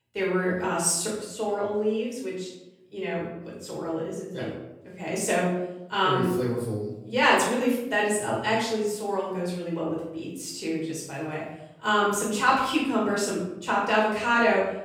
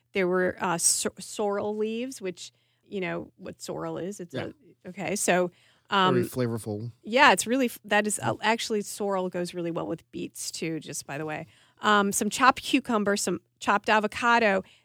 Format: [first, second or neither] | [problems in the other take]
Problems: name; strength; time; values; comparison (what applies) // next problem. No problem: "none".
second | off-mic speech; far // room echo; noticeable; dies away in 0.7 s